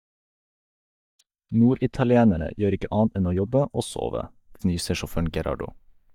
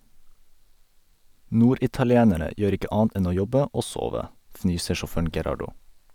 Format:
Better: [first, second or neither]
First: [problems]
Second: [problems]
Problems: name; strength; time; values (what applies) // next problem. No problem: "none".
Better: second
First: noise reduction (neural mask model DeepFilterNet 3)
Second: none